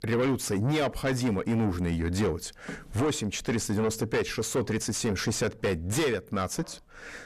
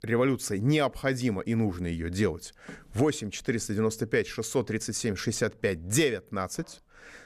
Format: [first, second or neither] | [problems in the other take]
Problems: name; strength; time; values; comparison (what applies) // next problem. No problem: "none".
second | distortion; heavy; 7 dB below the speech